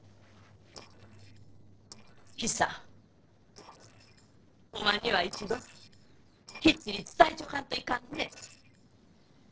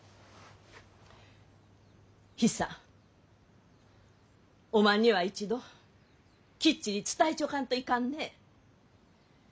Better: second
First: noise reduction (neural separator model SepFormer DNS4)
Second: none

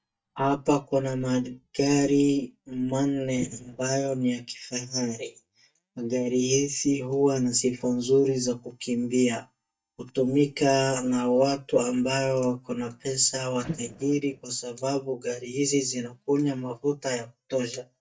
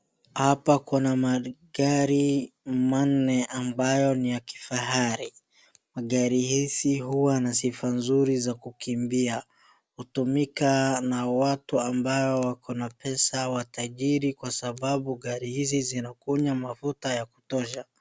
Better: second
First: noise reduction (neural mask model DeepFilterNet 3)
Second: none

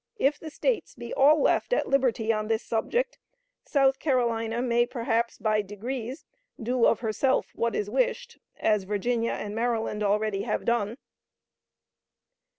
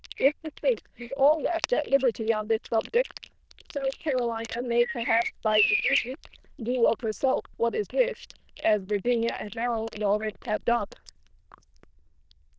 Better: first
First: none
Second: noise reduction (neural diffusion model UNIVERSE++)

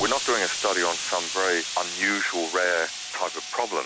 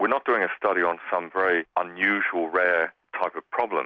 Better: second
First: background sound (Explosion); 5 dB below the speech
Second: none

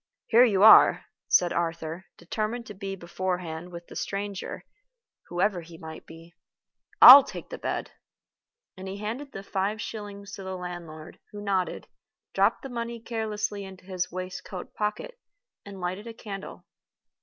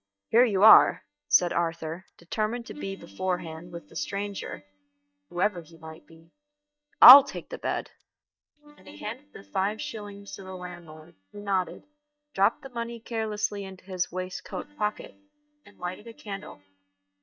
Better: first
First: none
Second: noise reduction (neural mask model DeepFilterNet 3)

